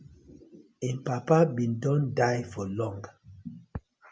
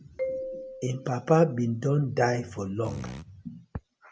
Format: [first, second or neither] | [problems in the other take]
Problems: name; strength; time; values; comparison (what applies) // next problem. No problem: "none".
first | background sound (Fart + Marimba, xylophone); 11 dB below the speech